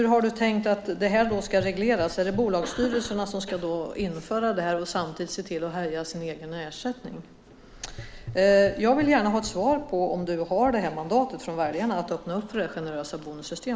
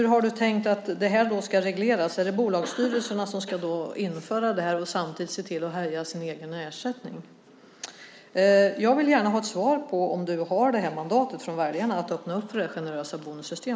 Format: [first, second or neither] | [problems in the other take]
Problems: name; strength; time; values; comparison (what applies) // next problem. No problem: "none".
second | background sound (Gurgling / Engine); 19 dB below the speech